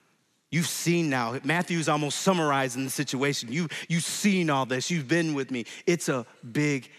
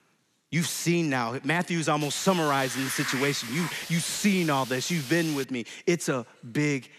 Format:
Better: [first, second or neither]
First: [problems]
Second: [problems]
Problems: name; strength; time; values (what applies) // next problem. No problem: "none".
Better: first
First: none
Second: hiss; loud; from 2 to 5.5 s; 8 dB below the speech